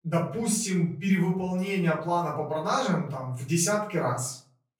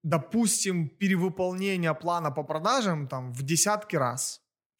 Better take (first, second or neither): second